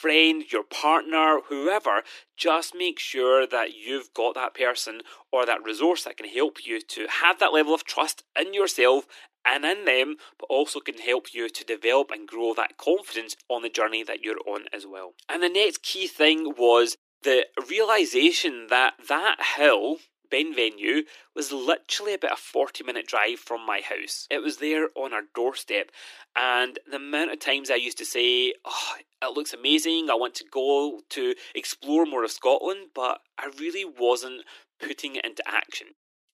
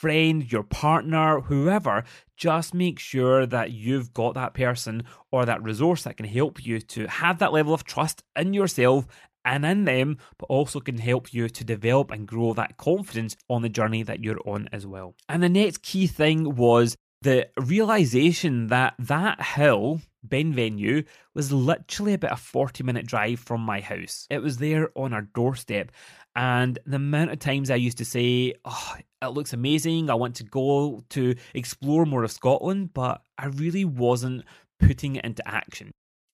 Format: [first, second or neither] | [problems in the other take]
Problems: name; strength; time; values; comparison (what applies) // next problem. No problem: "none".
second | thin; very; fading below 300 Hz